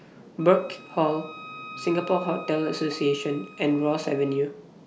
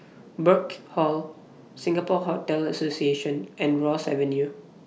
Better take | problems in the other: second | background sound (Wind instrument, woodwind instrument); 17 dB below the speech

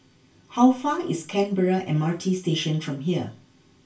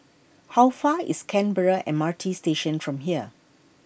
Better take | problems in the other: second | room echo; dies away in 0.3 s

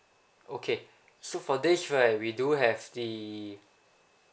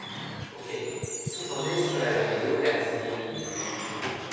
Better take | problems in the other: first | background sound (Squeak / Wood); 5 dB below the speech // room echo; dies away in 2.1 s

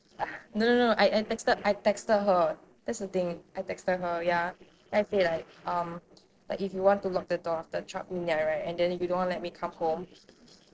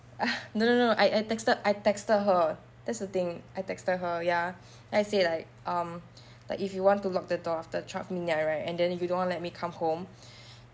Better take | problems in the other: second | noise reduction (neural separator model SepFormer DNS4)

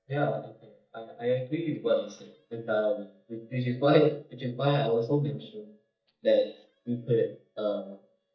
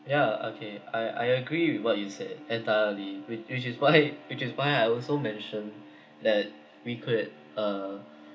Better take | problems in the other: second | noise reduction (neural mask model DeepFilterNet 3)

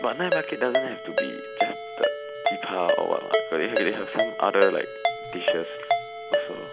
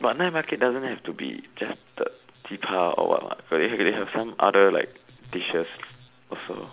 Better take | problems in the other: second | background sound (Ringtone); 1 dB above the speech

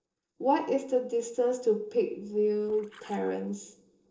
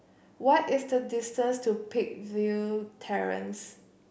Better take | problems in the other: second | noise reduction (neural separator model SepFormer DNS4)

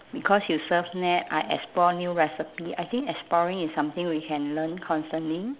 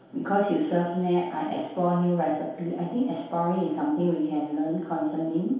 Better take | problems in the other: first | room echo; dies away in 0.8 s

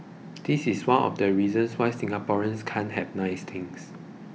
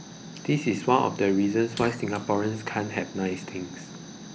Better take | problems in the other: first | background sound (Fire); 19 dB below the speech

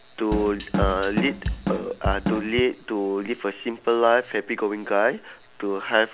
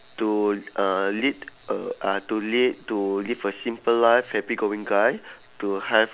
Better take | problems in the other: second | background sound (Drum kit); 3 dB below the speech

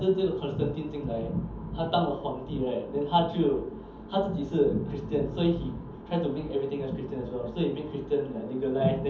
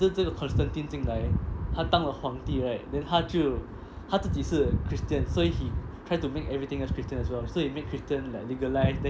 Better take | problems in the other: second | room echo; dies away in 0.7 s

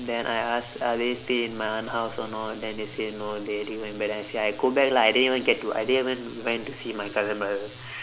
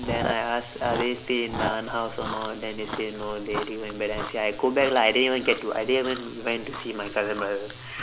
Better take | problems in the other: first | background sound (Chewing, mastication); 9 dB below the speech

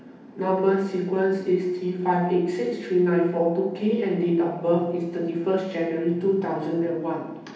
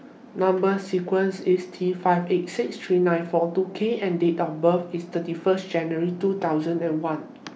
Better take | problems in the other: second | room echo; dies away in 0.8 s

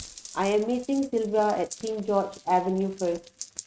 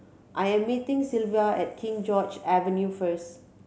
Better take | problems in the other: second | noise reduction (neural mask model RNNoise)

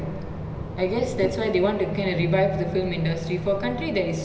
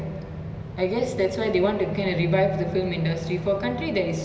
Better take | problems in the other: second | background sound (Thunder / Rain); 13 dB below the speech

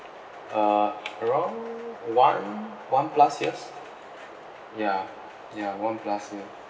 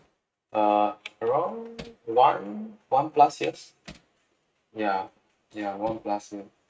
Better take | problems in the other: first | noise reduction (neural mask model RNNoise)

